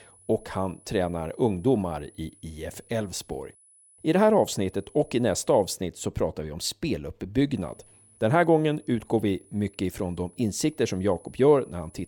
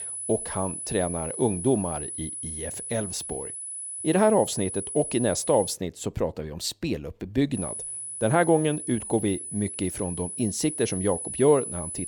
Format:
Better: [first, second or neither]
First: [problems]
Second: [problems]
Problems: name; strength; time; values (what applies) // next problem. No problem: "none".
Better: first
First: high-pitched whine; faint; until 5.5 s and from 7.5 s on; 10 kHz, 30 dB below the speech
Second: high-pitched whine; loud; until 5.5 s and from 7.5 s on; 10 kHz, 6 dB below the speech